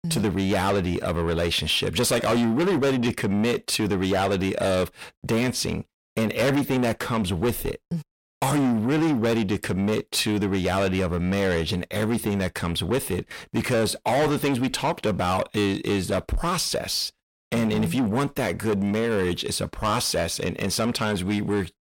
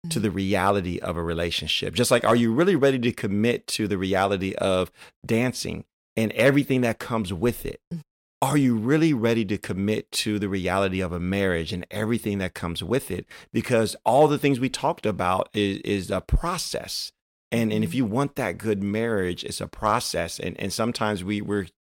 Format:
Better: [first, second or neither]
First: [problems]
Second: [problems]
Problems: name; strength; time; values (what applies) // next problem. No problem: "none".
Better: second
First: distortion; heavy; 7 dB below the speech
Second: none